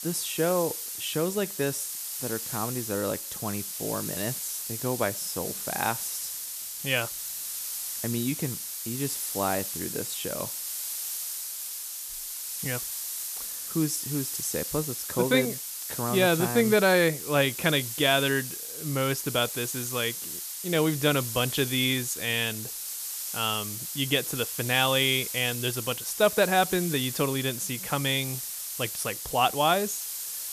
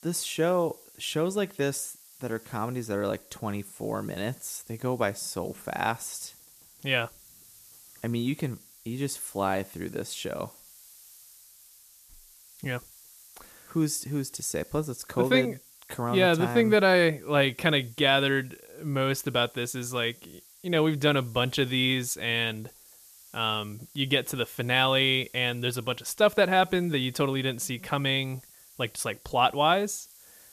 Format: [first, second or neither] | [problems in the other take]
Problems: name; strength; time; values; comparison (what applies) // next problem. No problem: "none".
second | hiss; loud; throughout; 5 dB below the speech; faint in the second